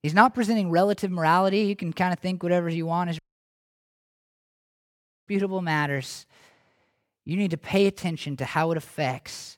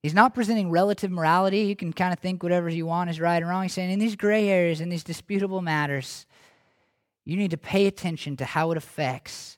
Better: second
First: audio cutting out; at 3 s for 2 s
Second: none

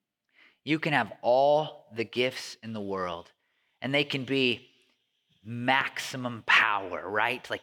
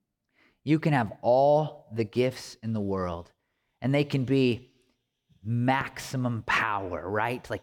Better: second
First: thin; very slightly; fading below 350 Hz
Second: none

